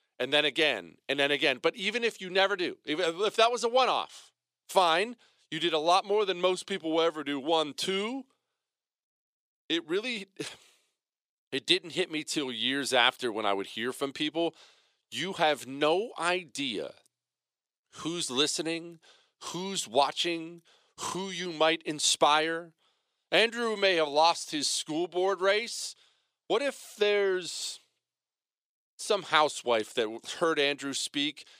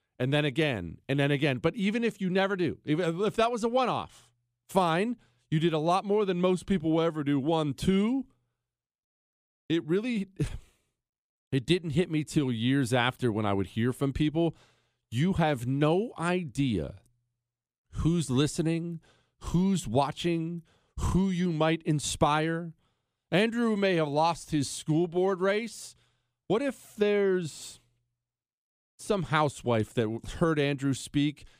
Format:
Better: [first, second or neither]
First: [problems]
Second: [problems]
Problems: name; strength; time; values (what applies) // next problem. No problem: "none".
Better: second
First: thin; somewhat; fading below 500 Hz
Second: none